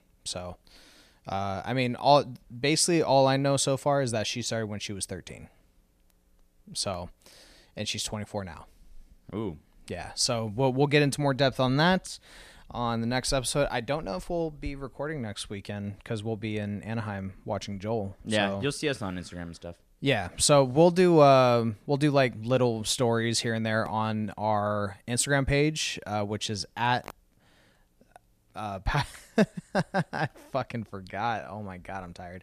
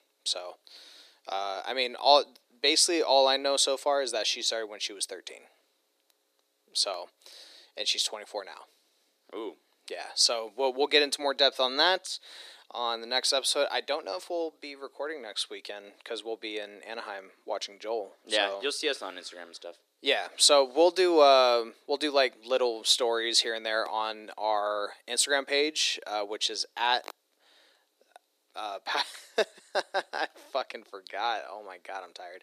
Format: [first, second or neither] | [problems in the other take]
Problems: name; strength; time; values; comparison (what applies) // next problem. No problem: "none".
first | thin; very; fading below 350 Hz